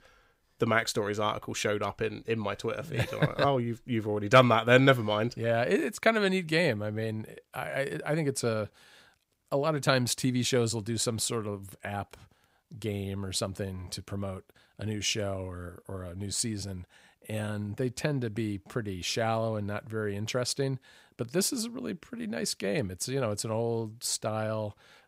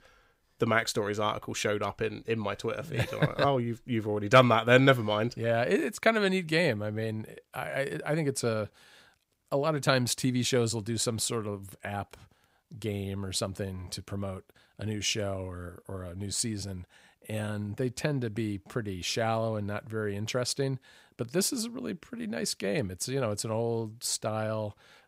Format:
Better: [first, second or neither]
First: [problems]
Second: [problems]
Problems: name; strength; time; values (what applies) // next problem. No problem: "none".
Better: neither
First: none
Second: none